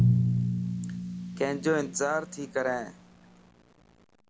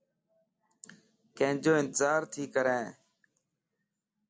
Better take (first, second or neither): second